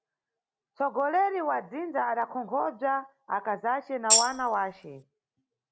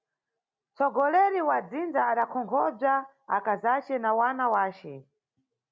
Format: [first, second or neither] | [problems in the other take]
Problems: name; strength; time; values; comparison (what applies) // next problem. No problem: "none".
second | background sound (Tambourine); 5 dB above the speech